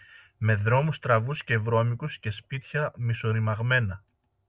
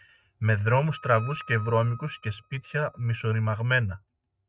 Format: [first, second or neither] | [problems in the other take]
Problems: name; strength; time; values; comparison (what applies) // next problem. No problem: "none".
first | noise reduction (neural mask model RNNoise)